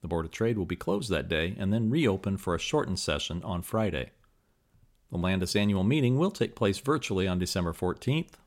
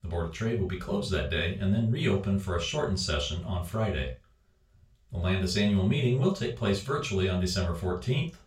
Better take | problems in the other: first | room echo; slight; dies away in 0.2 s // off-mic speech; far

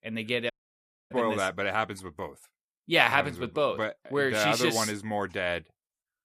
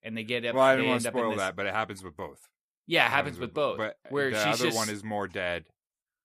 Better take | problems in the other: second | audio cutting out; at 0.5 s for 0.5 s

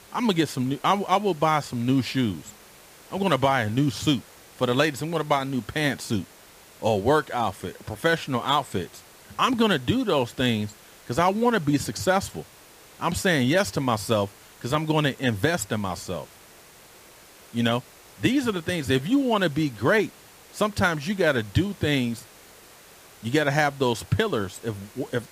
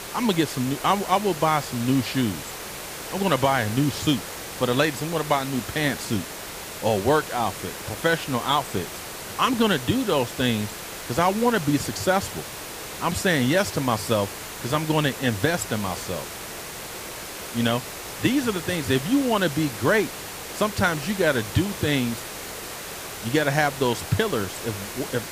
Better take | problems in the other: first | hiss; loud; throughout; 9 dB below the speech; faint in the first

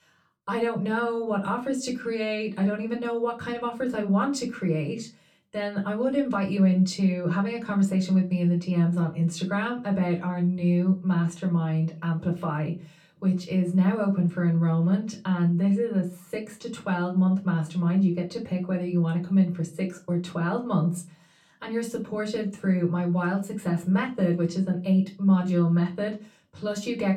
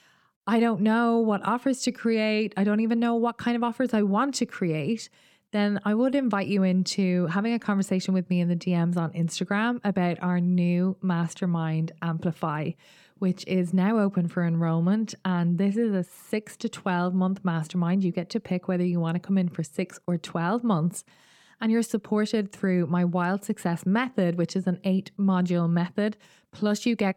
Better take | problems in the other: second | off-mic speech; far // room echo; very slight; dies away in 0.2 s

